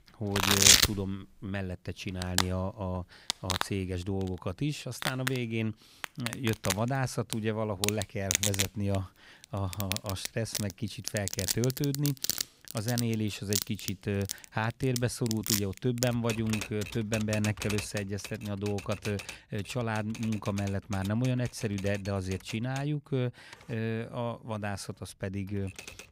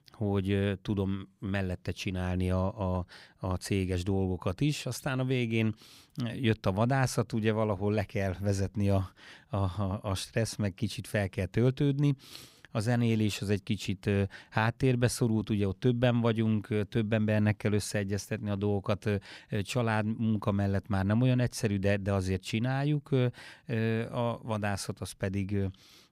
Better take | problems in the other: second | household noises; very loud; throughout; 3 dB above the speech

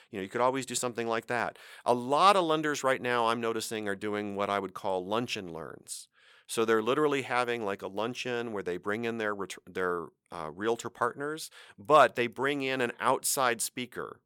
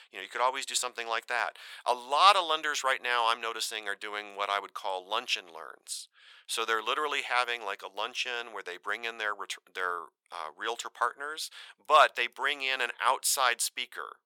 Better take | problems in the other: first | thin; very; fading below 850 Hz

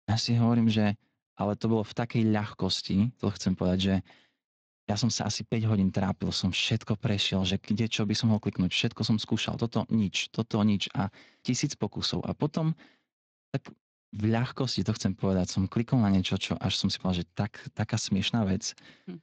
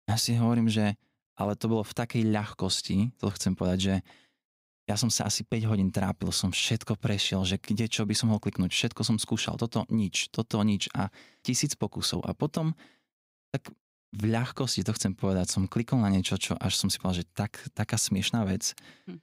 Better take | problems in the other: second | garbled, watery; slightly

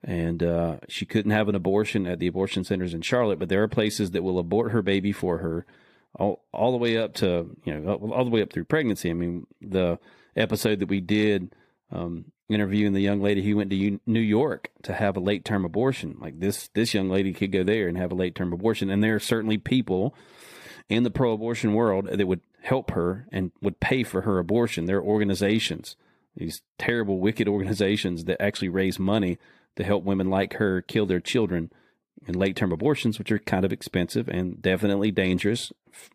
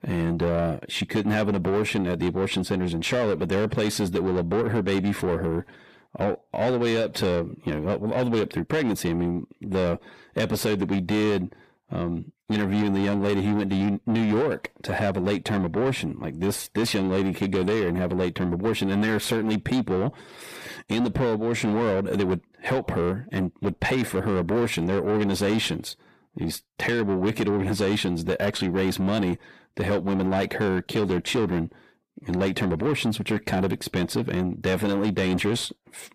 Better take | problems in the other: first | distortion; heavy; 8 dB below the speech

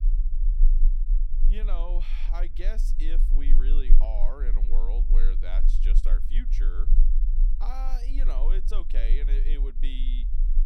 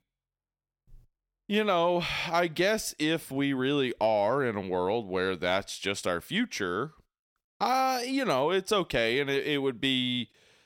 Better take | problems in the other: second | low rumble; noticeable; throughout; 10 dB below the speech

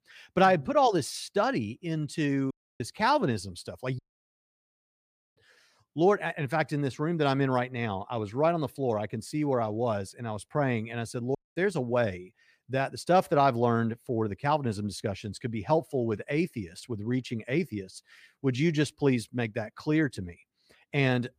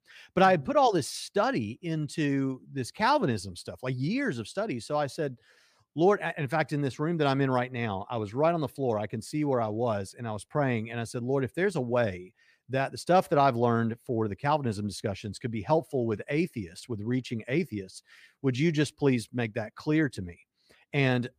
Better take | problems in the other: second | audio cutting out; at 2.5 s, at 4 s for 1.5 s and at 11 s

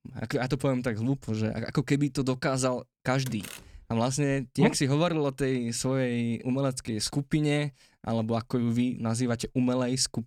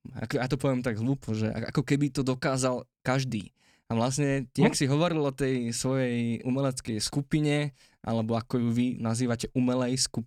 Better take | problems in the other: second | door banging; faint; at 3.5 s; peak 15 dB below the speech

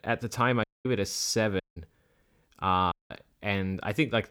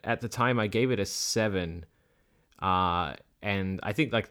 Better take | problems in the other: second | audio cutting out; at 0.5 s, at 1.5 s and at 3 s

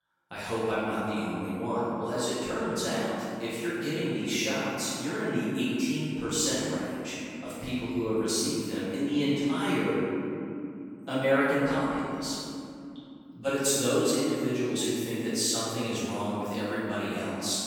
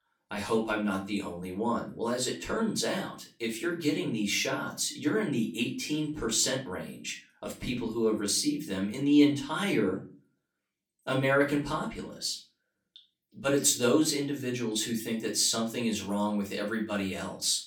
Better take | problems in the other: second | room echo; strong; dies away in 2.7 s; slight in the second // off-mic speech; far; far in the second

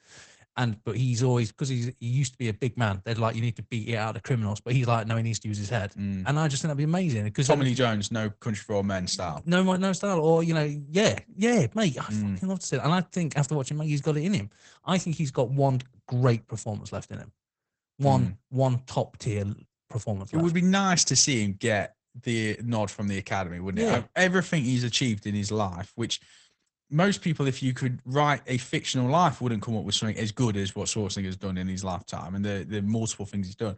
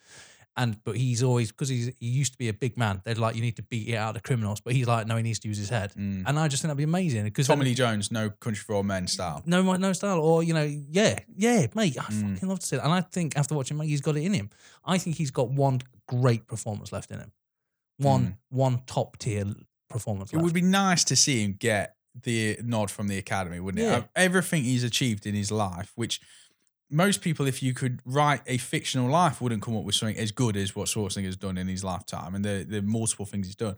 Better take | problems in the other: second | garbled, watery; badly; nothing above 8 kHz

